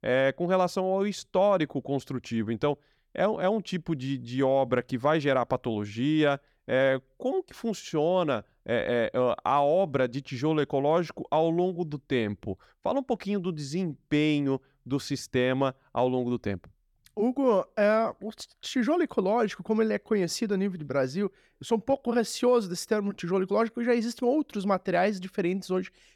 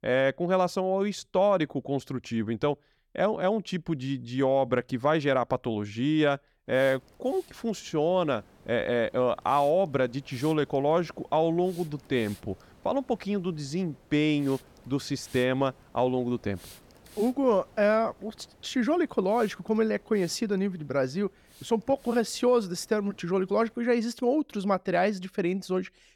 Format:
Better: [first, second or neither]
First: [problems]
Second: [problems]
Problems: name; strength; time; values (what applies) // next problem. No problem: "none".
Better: first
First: none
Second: hiss; faint; from 6.5 to 24 s; 25 dB below the speech